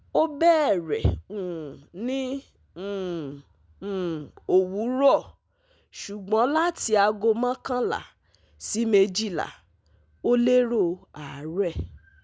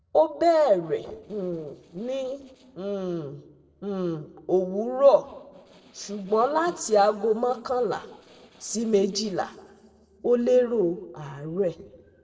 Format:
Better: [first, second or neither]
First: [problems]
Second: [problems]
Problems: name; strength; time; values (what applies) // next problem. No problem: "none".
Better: first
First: none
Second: noise reduction (neural separator model SepFormer DNS4)